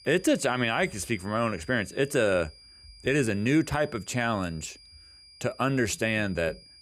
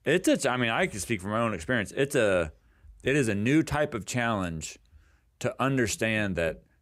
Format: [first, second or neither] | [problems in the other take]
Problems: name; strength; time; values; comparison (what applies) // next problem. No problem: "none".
second | high-pitched whine; faint; throughout; 5 kHz, 25 dB below the speech